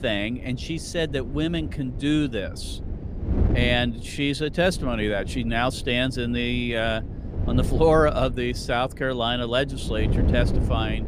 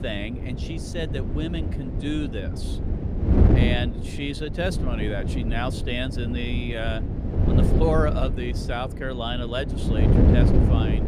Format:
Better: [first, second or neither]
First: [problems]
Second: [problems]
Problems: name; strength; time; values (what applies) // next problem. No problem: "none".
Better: first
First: wind noise on the microphone; occasional gusts; 15 dB below the speech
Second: wind noise on the microphone; heavy; 3 dB below the speech